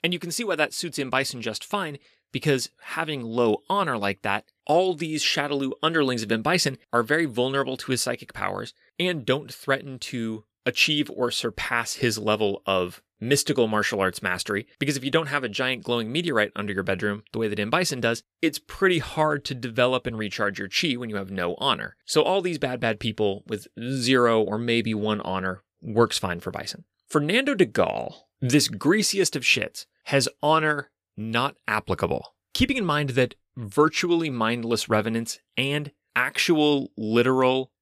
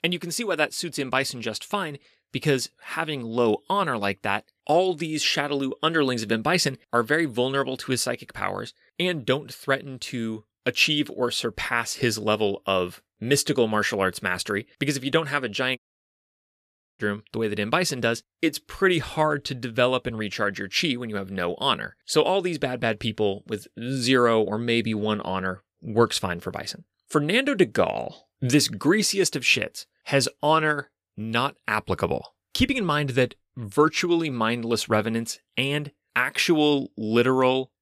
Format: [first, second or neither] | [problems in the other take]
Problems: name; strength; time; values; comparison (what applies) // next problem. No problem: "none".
first | audio cutting out; at 16 s for 1 s